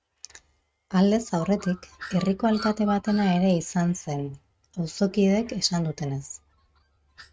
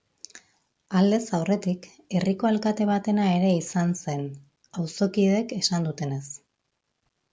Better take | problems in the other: second | noise reduction (neural mask model RNNoise)

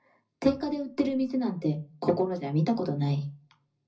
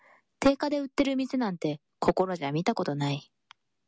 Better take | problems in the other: second | room echo; dies away in 0.4 s

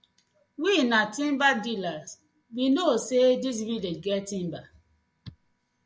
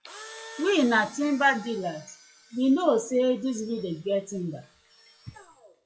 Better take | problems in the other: first | noise reduction (classical method WPE with log-MMSE)

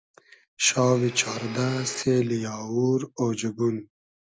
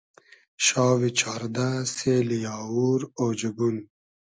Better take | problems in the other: second | background sound (Domestic sounds, home sounds); 14 dB below the speech

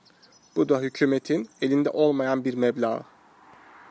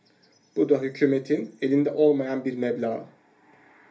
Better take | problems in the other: first | room echo; dies away in 0.3 s

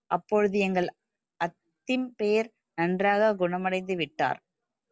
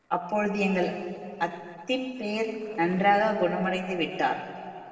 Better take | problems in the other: first | noise reduction (neural separator model SepFormer DNS4)

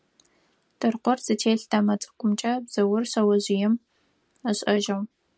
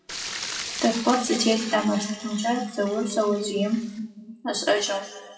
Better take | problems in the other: first | noise reduction (classical method WPE with log-MMSE)

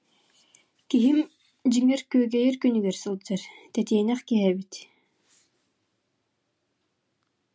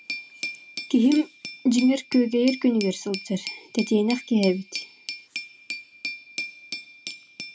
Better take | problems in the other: first | background sound (Glass); 12 dB below the speech

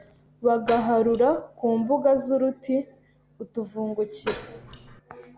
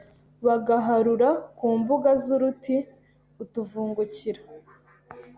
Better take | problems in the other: second | background sound (Door); 13 dB below the speech

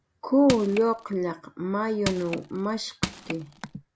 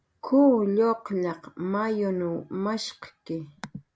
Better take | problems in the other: second | background sound (Crushing); 9 dB below the speech

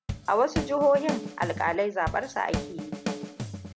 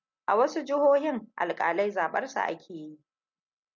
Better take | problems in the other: second | background sound (Drum kit); 6 dB below the speech

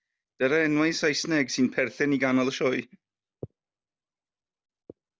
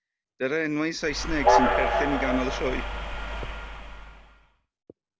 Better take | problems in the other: first | background sound (Train); 4 dB above the speech

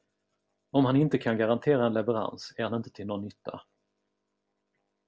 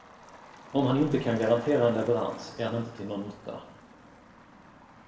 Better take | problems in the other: first | background sound (Motor vehicle (road)); 18 dB below the speech // room echo; dies away in 1 s

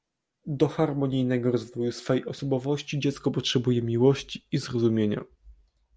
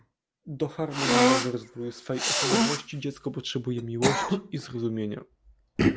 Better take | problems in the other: first | background sound (Cough); 4 dB above the speech

